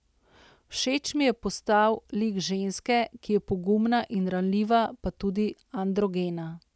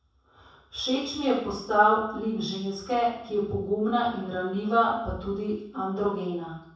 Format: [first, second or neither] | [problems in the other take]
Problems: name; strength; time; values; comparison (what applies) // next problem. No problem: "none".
first | room echo; dies away in 0.7 s